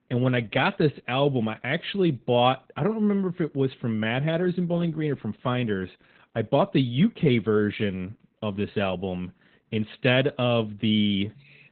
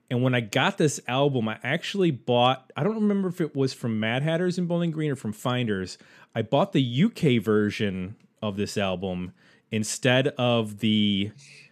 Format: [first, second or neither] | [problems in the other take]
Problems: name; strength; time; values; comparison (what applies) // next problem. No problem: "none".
second | garbled, watery; badly; nothing above 3.5 kHz